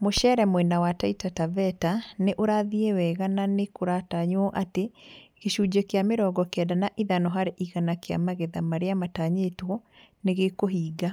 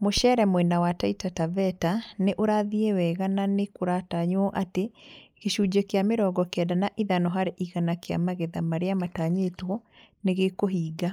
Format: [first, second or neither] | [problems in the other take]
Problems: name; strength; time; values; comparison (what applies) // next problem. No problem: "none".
first | noise reduction (neural mask model Resemble Enhance denoiser)